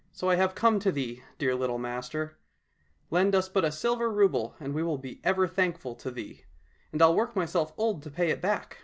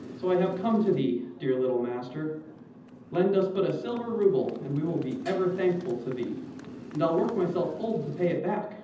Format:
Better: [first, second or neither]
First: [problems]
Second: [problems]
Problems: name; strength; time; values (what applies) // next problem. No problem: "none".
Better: first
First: none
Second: background sound (Motorcycle); 16 dB below the speech // room echo; dies away in 0.8 s